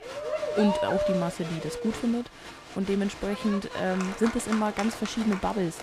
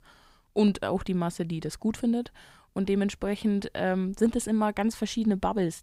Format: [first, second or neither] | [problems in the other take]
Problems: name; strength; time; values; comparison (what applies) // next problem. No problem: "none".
second | crowd noise; loud; throughout; 5 dB below the speech